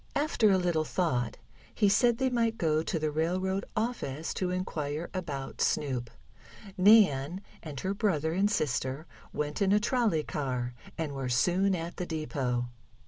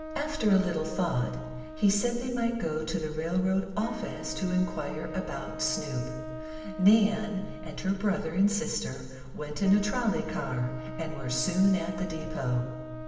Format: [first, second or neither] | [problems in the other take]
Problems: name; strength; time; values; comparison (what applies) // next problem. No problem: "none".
first | background sound (Wind instrument, woodwind instrument); 12 dB below the speech // room echo; dies away in 1.2 s